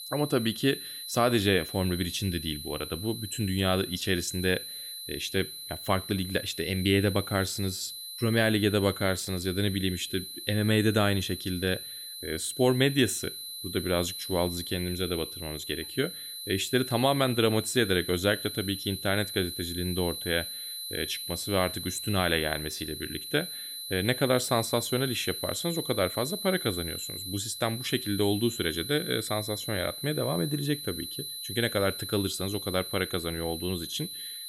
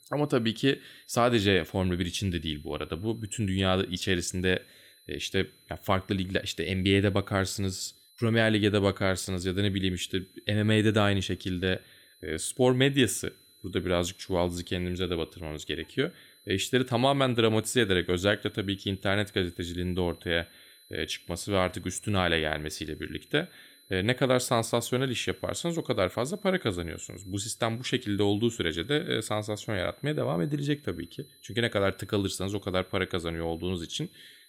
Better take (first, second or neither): second